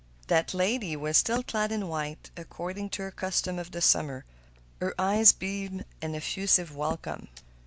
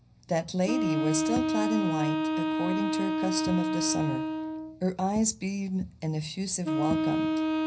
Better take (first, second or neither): first